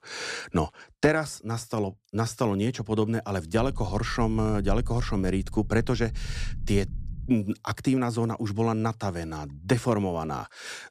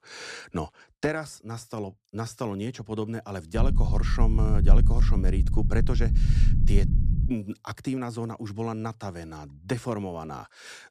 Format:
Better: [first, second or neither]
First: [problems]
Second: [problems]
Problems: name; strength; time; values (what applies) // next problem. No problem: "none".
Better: first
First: low rumble; faint; from 3.5 to 7.5 s; 25 dB below the speech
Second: low rumble; loud; from 3.5 to 7.5 s; 6 dB below the speech